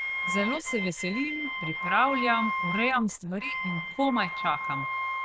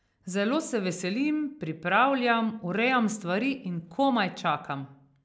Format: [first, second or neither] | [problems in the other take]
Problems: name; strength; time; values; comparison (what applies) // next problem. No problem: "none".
second | noise reduction (neural diffusion model UNIVERSE++)